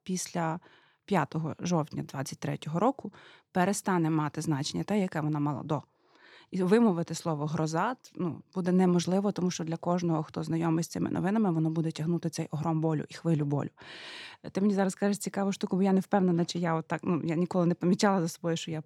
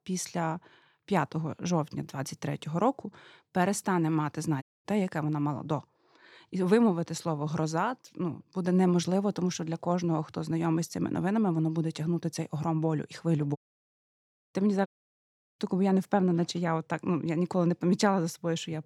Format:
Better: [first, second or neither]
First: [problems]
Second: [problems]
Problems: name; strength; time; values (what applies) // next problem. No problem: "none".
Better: first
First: none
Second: audio cutting out; at 4.5 s, at 14 s for 1 s and at 15 s for 0.5 s